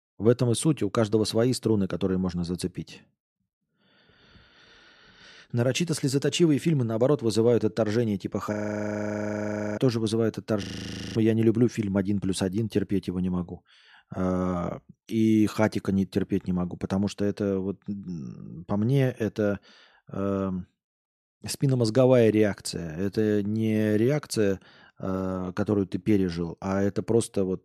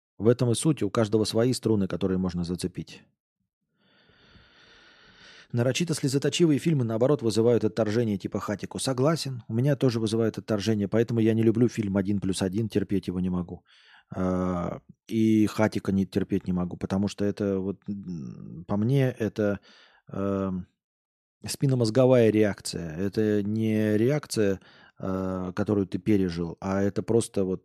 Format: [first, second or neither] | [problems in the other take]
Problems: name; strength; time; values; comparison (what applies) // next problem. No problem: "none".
second | audio freezing; at 8.5 s for 1 s and at 11 s for 0.5 s